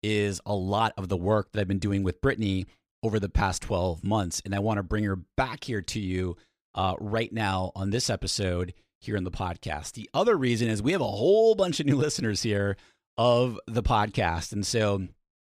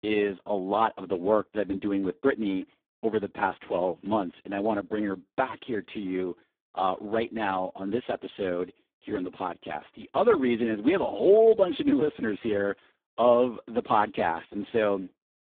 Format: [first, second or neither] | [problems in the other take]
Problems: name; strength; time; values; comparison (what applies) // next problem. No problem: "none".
first | phone-call audio; poor line